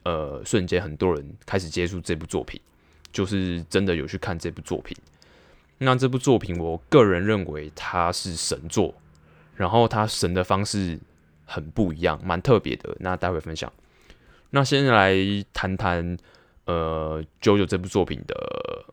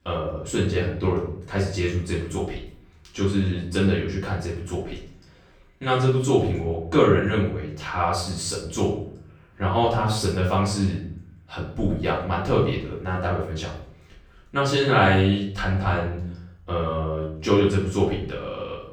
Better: first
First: none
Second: off-mic speech; far // room echo; noticeable; dies away in 0.6 s

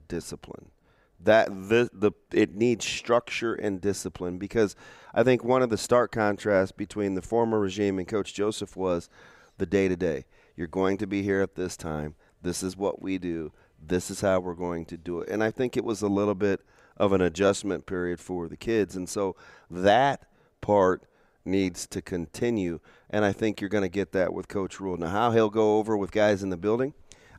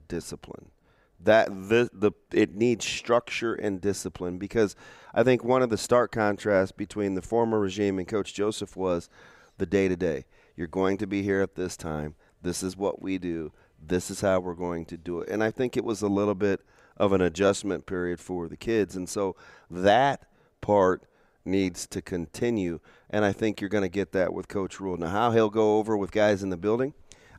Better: neither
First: none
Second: none

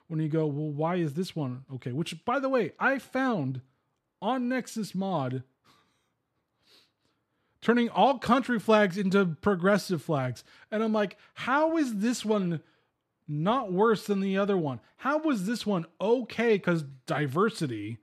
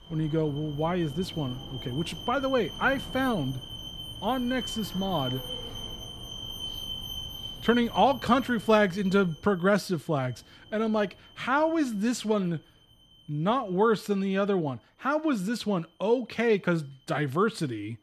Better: first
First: none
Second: alarms or sirens; noticeable; throughout; 10 dB below the speech

